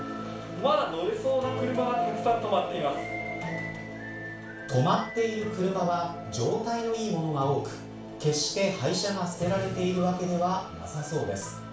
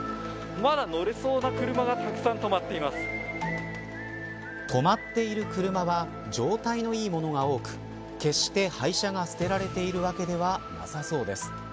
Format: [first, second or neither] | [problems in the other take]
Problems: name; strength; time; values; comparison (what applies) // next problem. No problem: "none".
second | room echo; dies away in 0.4 s